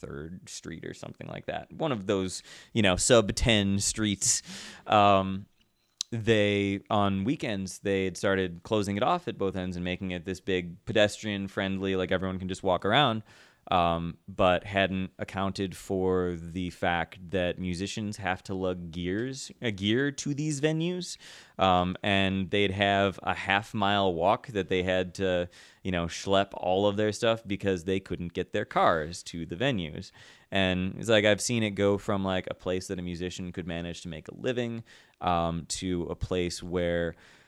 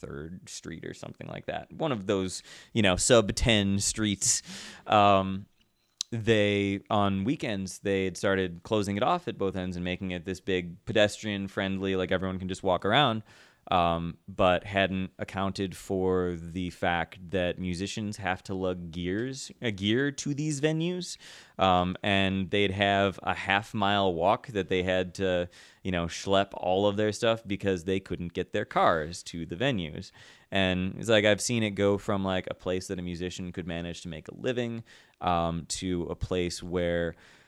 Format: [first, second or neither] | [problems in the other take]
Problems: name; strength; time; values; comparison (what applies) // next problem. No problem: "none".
neither | none